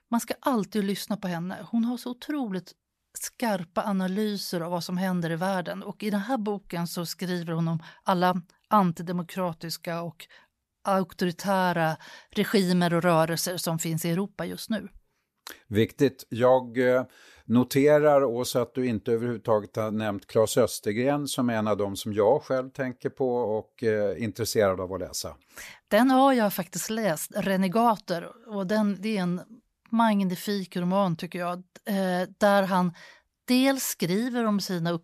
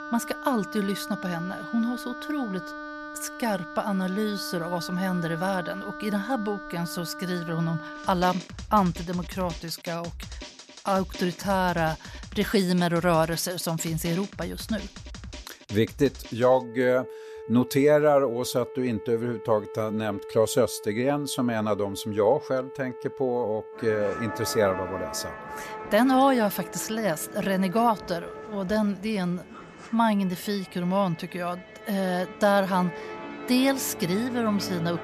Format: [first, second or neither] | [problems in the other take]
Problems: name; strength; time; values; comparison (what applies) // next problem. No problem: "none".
first | background music; noticeable; throughout; 15 dB below the speech